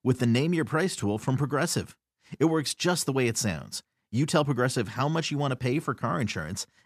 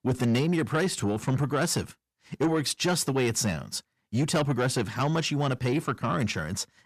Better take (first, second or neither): first